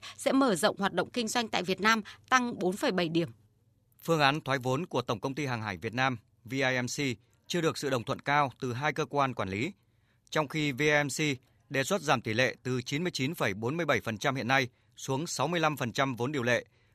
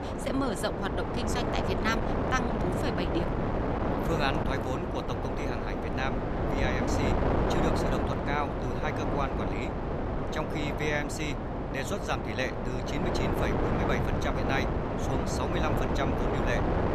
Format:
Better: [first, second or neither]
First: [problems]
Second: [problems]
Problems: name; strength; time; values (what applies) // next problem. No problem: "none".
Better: first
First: none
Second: wind noise on the microphone; heavy; 2 dB above the speech